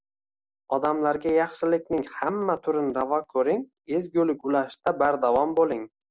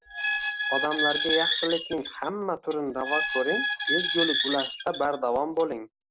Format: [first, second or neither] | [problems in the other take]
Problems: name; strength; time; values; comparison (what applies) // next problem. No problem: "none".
first | background sound (Squeak); as loud as the speech